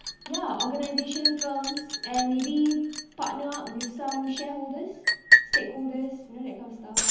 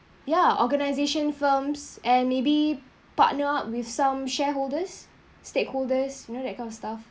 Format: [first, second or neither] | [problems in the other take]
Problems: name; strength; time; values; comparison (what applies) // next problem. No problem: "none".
second | background sound (Liquid); 2 dB above the speech // room echo; dies away in 0.9 s